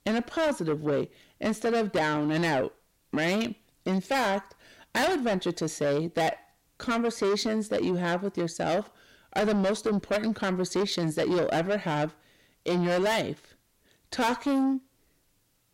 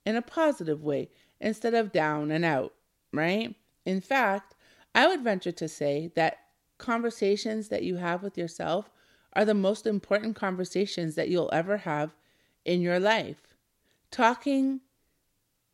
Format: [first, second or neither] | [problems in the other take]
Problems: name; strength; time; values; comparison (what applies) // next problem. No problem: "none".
second | distortion; heavy; 6 dB below the speech